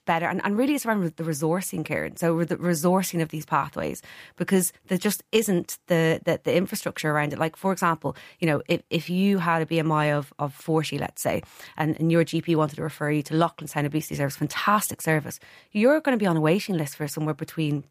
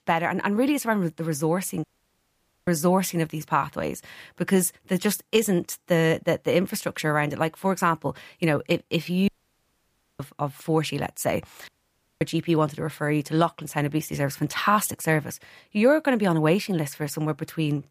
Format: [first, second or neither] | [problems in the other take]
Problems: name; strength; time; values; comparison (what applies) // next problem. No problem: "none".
first | audio cutting out; at 2 s for 1 s, at 9.5 s for 1 s and at 12 s for 0.5 s